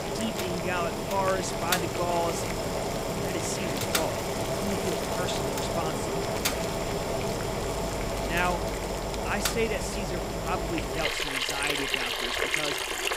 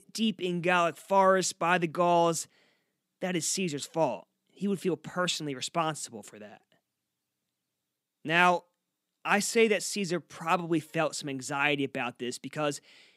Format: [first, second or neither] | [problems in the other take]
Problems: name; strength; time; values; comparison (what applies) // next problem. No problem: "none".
second | household noises; very loud; throughout; 4 dB above the speech